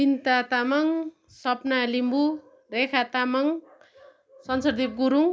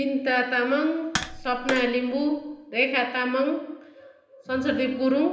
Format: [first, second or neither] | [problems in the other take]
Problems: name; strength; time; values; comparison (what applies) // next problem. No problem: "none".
first | background sound (Tap); 10 dB below the speech // room echo; dies away in 0.9 s